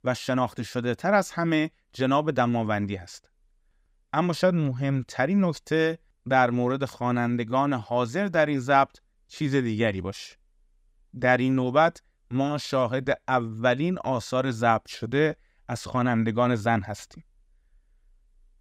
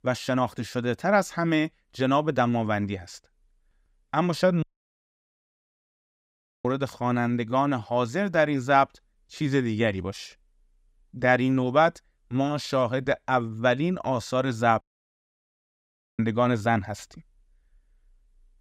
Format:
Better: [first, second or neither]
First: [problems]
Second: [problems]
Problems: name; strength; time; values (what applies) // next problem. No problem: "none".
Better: first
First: none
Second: audio cutting out; at 4.5 s for 2 s and at 15 s for 1.5 s